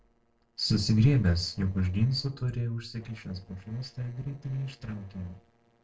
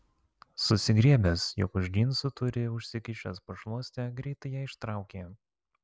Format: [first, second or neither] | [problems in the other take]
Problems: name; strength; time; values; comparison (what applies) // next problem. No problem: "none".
second | noise reduction (neural separator model SepFormer DNS4)